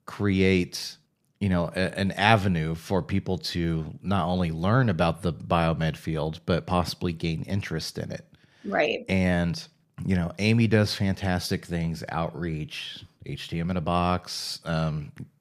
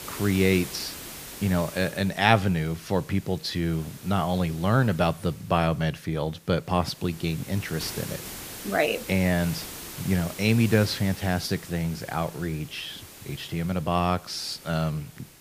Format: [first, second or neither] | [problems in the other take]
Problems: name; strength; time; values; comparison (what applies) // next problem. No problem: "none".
first | hiss; noticeable; throughout; 15 dB below the speech